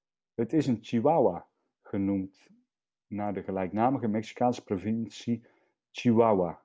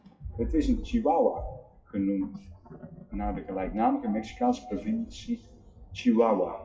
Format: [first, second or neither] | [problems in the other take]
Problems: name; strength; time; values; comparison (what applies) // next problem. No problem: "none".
first | noise reduction (classical method WPE with log-MMSE)